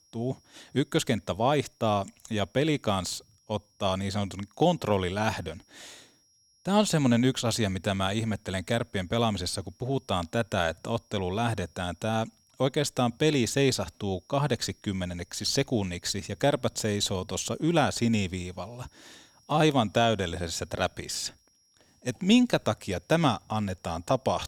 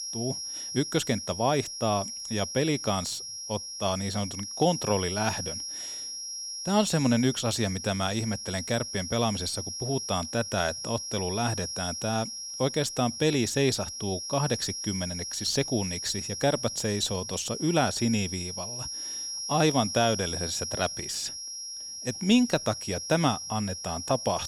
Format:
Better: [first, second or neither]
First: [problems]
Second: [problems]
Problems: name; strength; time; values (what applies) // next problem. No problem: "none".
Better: first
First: high-pitched whine; faint; throughout; 5.5 kHz, 35 dB below the speech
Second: high-pitched whine; loud; throughout; 5.5 kHz, 5 dB below the speech